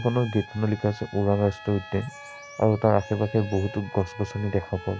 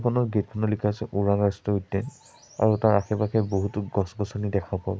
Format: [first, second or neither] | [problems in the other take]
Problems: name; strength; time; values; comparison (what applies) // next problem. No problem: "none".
second | background sound (Trumpet + Bowed string instrument); 17 dB below the speech